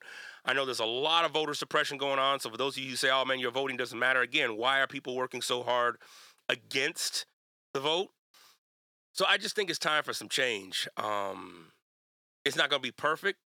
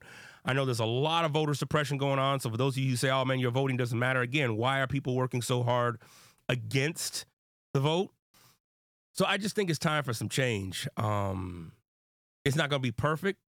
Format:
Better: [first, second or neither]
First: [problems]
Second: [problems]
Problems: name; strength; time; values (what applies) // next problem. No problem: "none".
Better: second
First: thin; very; fading below 400 Hz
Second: none